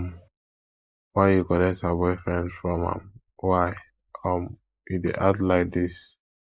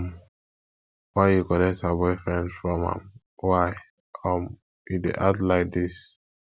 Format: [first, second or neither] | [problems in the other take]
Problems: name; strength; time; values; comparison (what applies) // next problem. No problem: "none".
second | noise reduction (neural mask model Resemble Enhance denoiser)